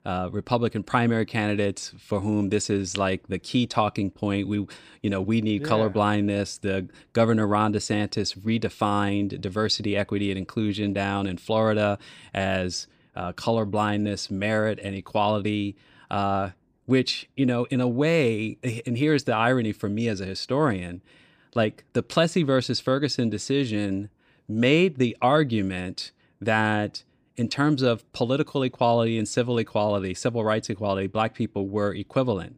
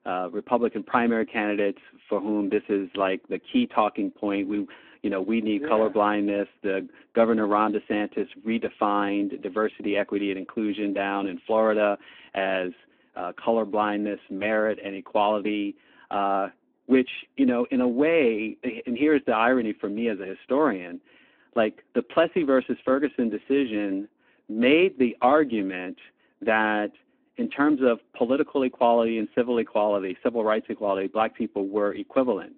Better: first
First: none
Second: phone-call audio

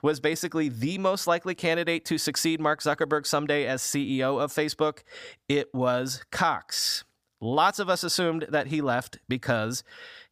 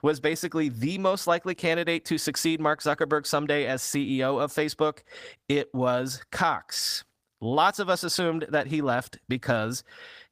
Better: first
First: none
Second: garbled, watery; slightly; nothing above 15 kHz

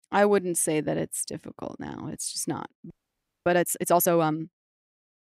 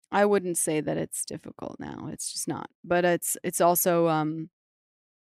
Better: second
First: audio freezing; at 3 s for 0.5 s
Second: none

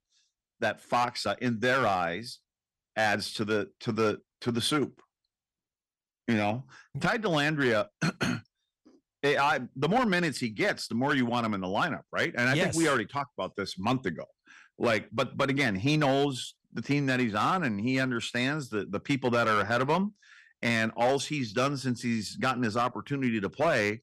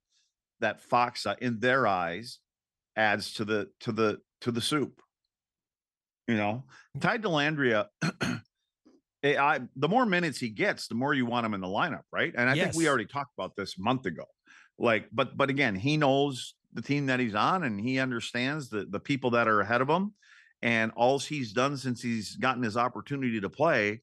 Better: second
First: distortion; slight; 4% of the sound clipped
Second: none

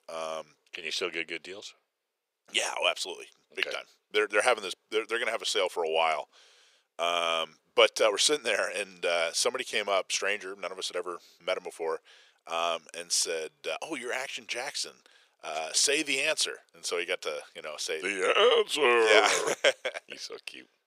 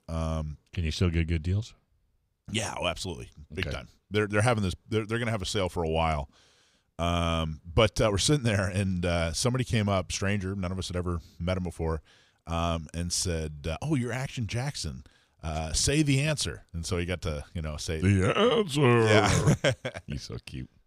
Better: second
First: thin; very; fading below 450 Hz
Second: none

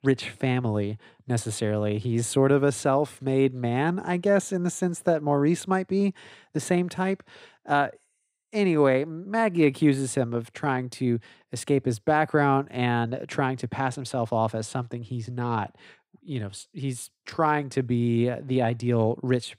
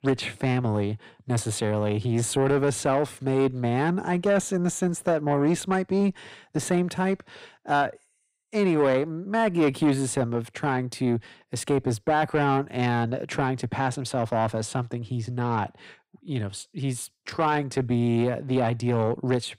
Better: first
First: none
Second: distortion; slight; 10 dB below the speech

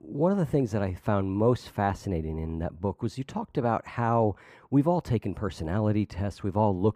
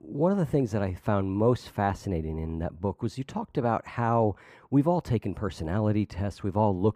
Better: neither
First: muffled; slightly; fading above 3 kHz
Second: muffled; slightly; fading above 3 kHz

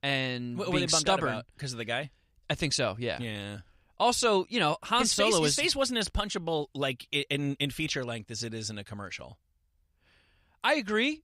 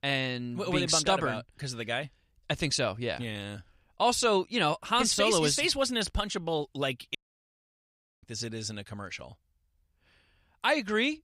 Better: first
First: none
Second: audio cutting out; at 7 s for 1 s

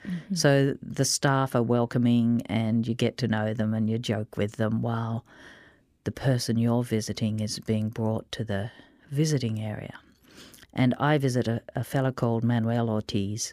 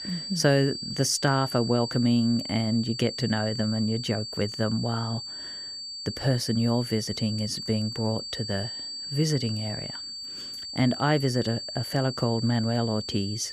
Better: first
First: none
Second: high-pitched whine; loud; throughout; 4.5 kHz, 7 dB below the speech

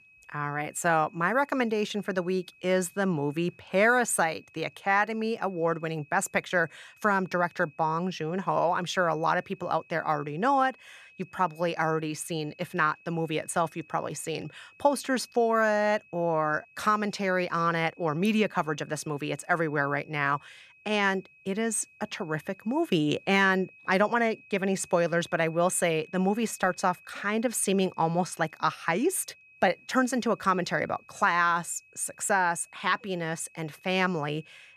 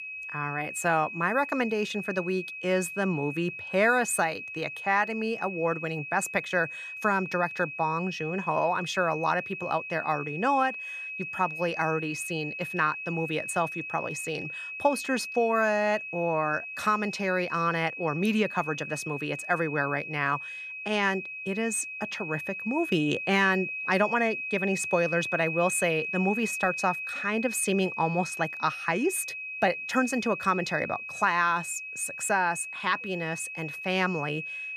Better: first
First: high-pitched whine; faint; throughout; 2.5 kHz, 25 dB below the speech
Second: high-pitched whine; loud; throughout; 2.5 kHz, 6 dB below the speech

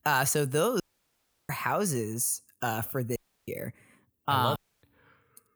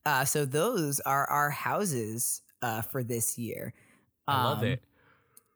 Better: second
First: audio cutting out; at 1 s for 0.5 s, at 3 s and at 4.5 s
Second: none

